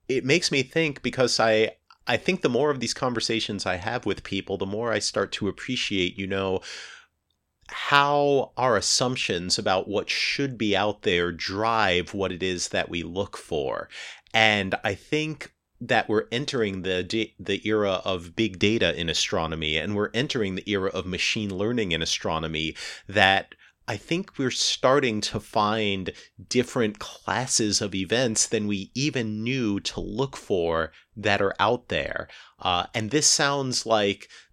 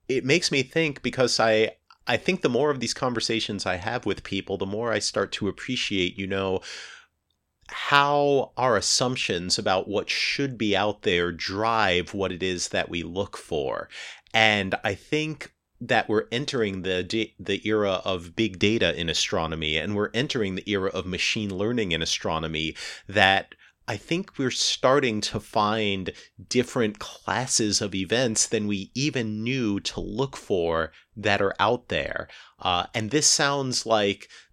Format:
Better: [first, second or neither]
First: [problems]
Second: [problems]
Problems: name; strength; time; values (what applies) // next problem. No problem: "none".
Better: neither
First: none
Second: none